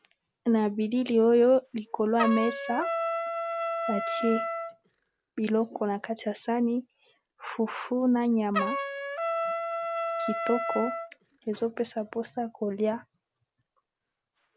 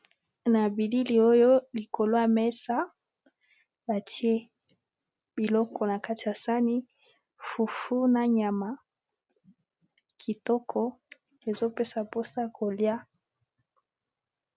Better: second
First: background sound (Trumpet); 6 dB below the speech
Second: none

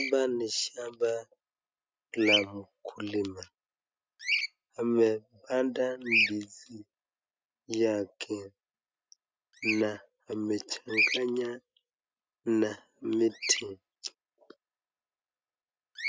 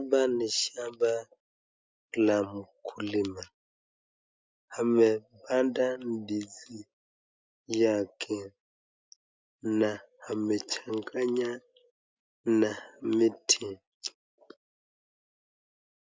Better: second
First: noise reduction (neural mask model RNNoise)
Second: none

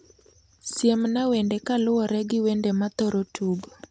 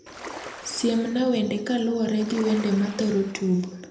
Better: first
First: none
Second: background sound (Ocean); 16 dB below the speech // room echo; dies away in 0.7 s

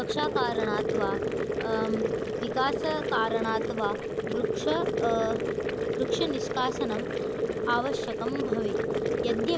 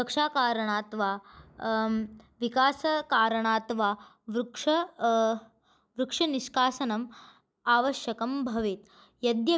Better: second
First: background sound (Boiling); 3 dB above the speech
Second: none

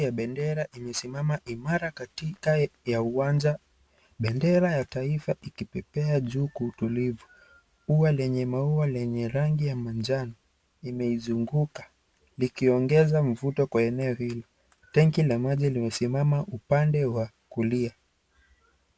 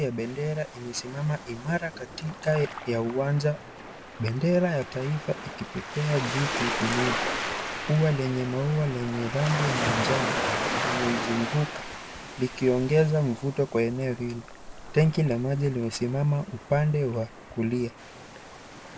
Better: first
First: none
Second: background sound (Waves, surf); 6 dB below the speech

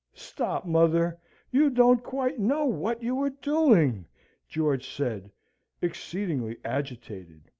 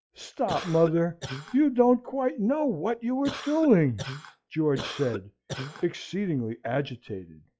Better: first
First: none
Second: noise reduction (classical method log-MMSE)

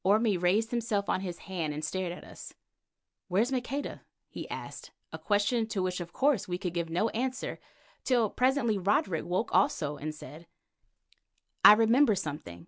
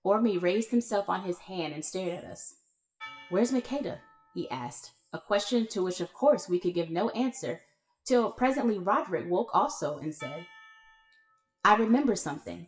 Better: first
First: none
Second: noise reduction (classical method WPE with log-MMSE)

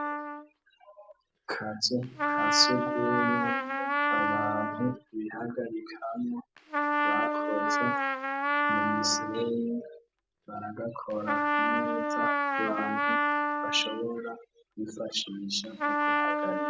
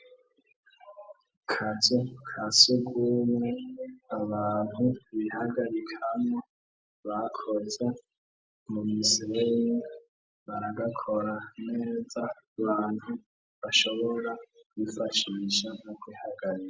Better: second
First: background sound (Trumpet); 3 dB above the speech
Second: none

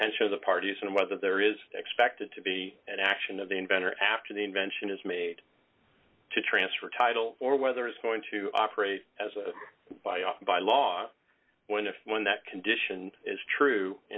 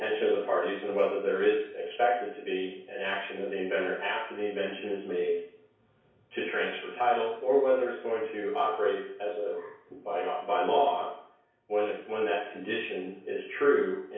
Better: first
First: none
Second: room echo; dies away in 0.6 s

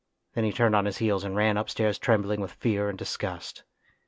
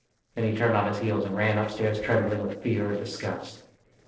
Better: first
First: none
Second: noise reduction (neural separator model SepFormer DNS4)

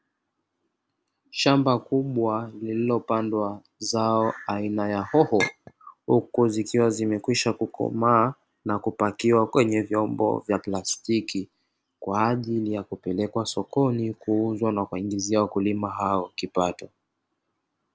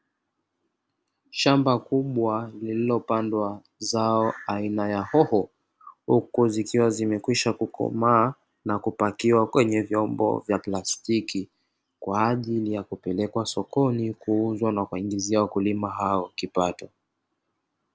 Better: second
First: background sound (Chink, clink); 7 dB below the speech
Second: none

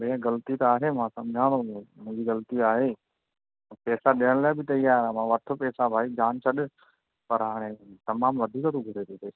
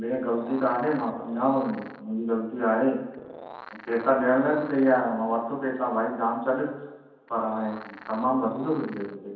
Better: first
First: none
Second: background sound (Animal); 16 dB below the speech // room echo; dies away in 0.9 s

